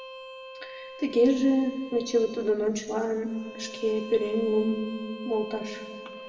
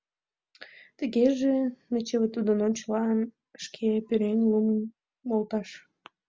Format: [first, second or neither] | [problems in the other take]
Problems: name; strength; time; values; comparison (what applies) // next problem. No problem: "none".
second | background sound (Bowed string instrument); 15 dB below the speech // room echo; dies away in 1.8 s